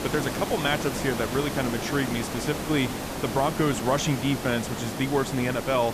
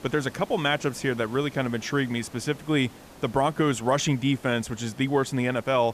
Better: second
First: hiss; loud; throughout; 4 dB below the speech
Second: hiss; faint; throughout; 20 dB below the speech

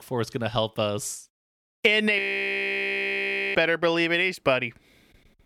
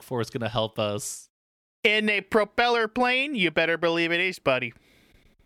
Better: second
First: audio freezing; at 2 s for 1.5 s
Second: none

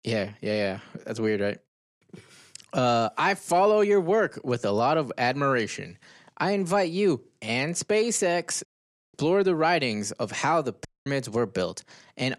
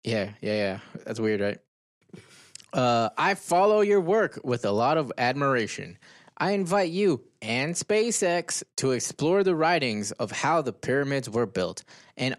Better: second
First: audio cutting out; at 8.5 s and at 11 s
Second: none

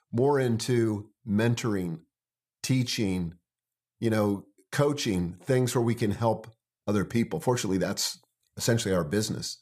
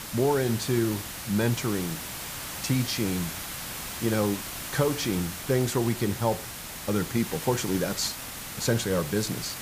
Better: first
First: none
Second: hiss; loud; throughout; 7 dB below the speech

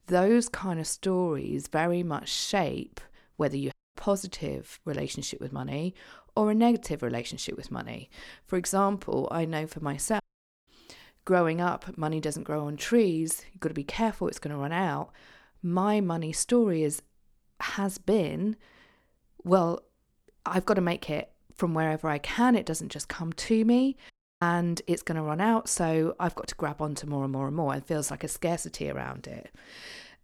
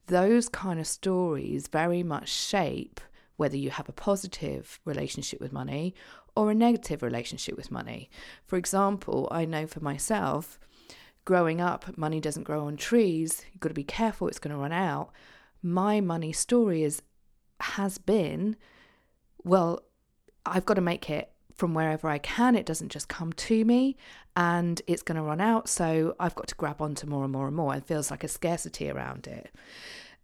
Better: second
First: audio cutting out; at 3.5 s, at 10 s and at 24 s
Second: none

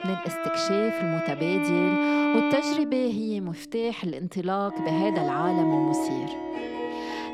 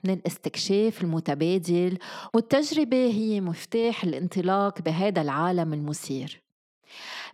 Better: second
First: background music; very loud; throughout; 2 dB above the speech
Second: none

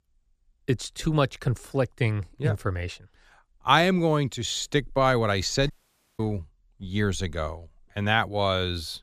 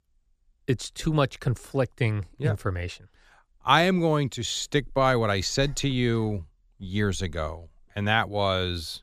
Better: second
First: audio cutting out; at 5.5 s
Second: none

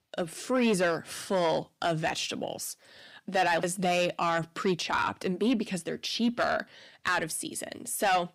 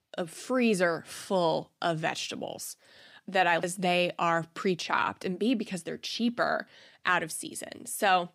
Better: second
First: distortion; slight; 10 dB below the speech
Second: none

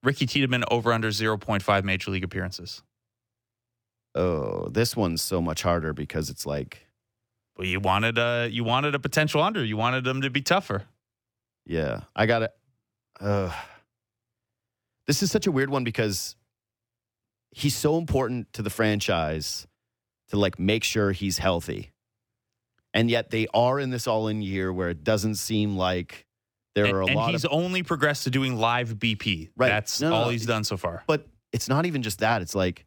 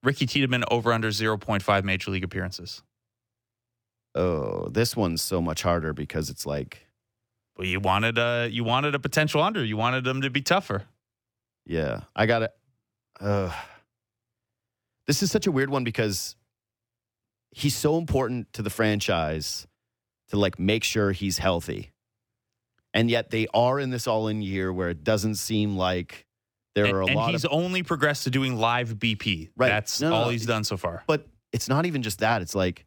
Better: neither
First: none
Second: none

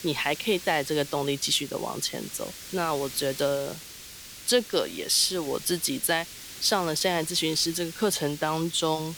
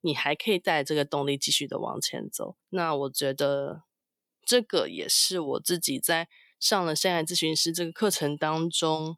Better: second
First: hiss; noticeable; throughout; 15 dB below the speech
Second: none

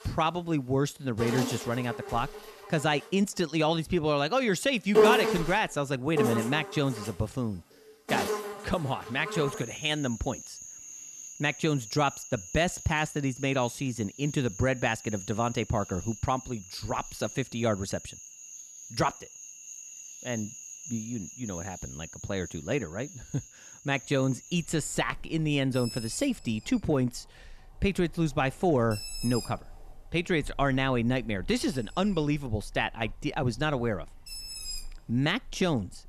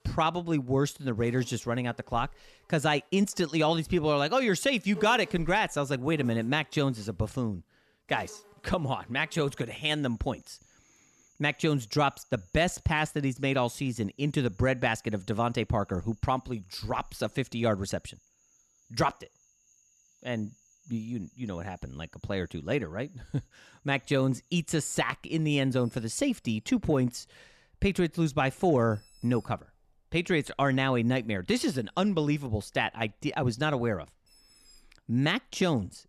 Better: second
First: animal sounds; loud; throughout; 7 dB below the speech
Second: animal sounds; faint; throughout; 30 dB below the speech

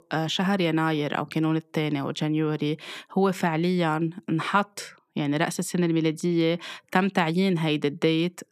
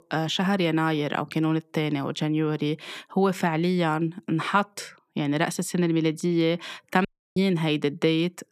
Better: first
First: none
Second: audio cutting out; at 7 s

